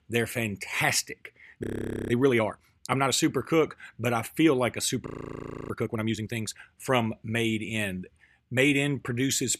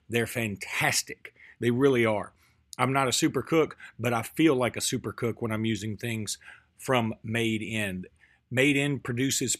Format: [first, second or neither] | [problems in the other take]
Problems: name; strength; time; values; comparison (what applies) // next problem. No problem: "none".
second | audio freezing; at 1.5 s and at 5 s for 0.5 s